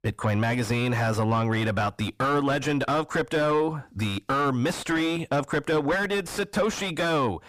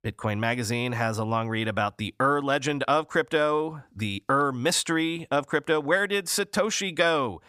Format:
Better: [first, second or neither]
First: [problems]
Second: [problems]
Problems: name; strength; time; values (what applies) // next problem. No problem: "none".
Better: second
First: distortion; heavy; 5 dB below the speech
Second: none